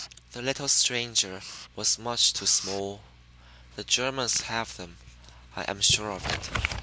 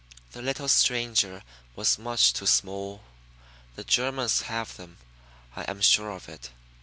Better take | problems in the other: second | background sound (Writing); 10 dB below the speech

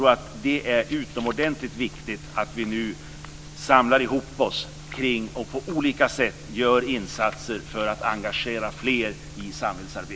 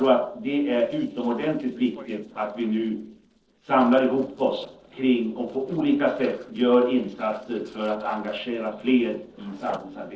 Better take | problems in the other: first | noise reduction (neural separator model SepFormer DNS4)

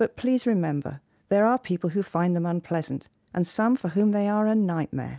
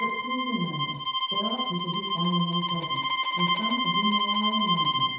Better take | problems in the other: first | background sound (Bowed string instrument); 4 dB above the speech // room echo; dies away in 0.9 s

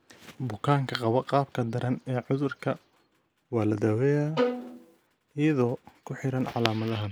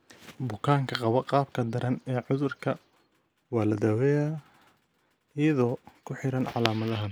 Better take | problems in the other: second | background sound (Bowed string instrument); 2 dB below the speech

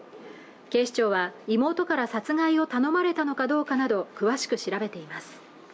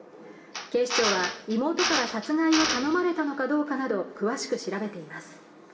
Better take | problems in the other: first | background sound (Drill); 4 dB below the speech // room echo; dies away in 1.2 s

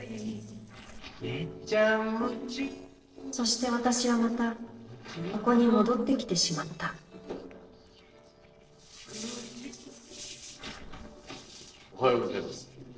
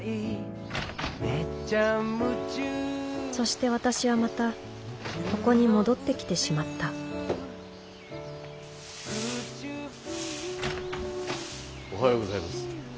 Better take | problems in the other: second | noise reduction (neural separator model SepFormer DNS4)

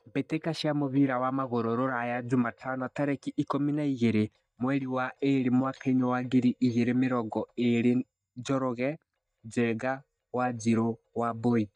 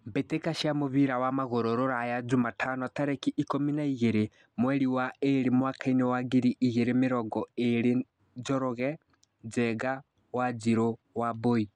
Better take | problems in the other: second | noise reduction (neural mask model DeepFilterNet 3)

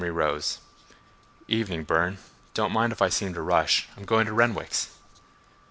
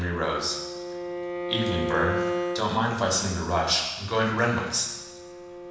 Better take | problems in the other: first | background sound (Bowed string instrument); 6 dB below the speech // room echo; dies away in 1.1 s

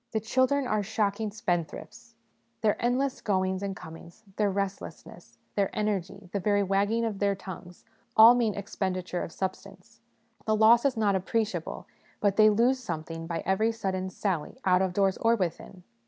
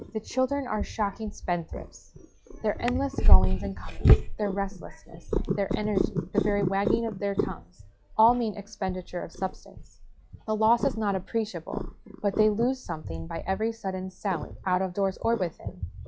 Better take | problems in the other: first | noise reduction (classical method log-MMSE)

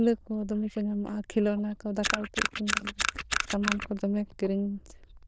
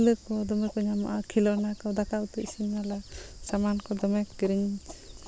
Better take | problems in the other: second | noise reduction (neural diffusion model UNIVERSE++)

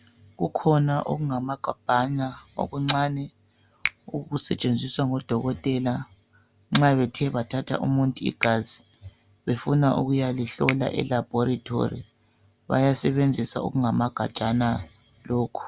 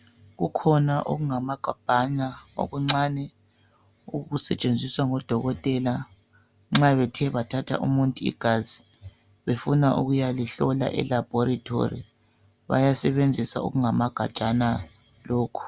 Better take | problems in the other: second | background sound (Finger snapping); 14 dB below the speech

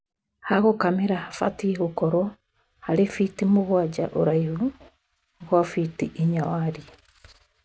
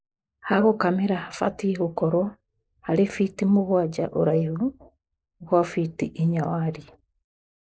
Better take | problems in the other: first | noise reduction (neural mask model Resemble Enhance denoiser)

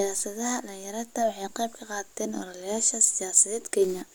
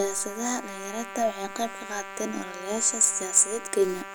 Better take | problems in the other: first | background sound (Trumpet); 12 dB below the speech

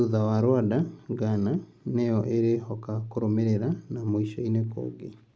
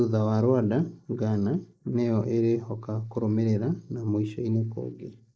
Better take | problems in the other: first | noise reduction (neural mask model Resemble Enhance denoiser)

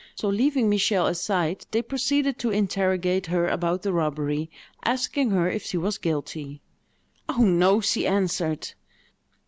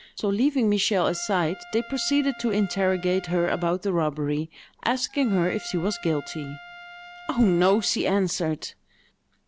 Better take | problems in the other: first | background sound (Trumpet); 19 dB below the speech

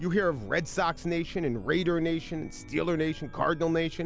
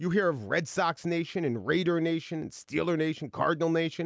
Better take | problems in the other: second | background sound (Chime); 15 dB below the speech

